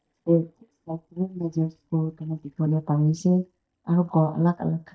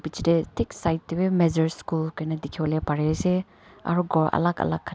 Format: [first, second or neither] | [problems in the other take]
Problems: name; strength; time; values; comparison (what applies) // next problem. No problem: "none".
second | noise reduction (neural mask model DeepFilterNet 3)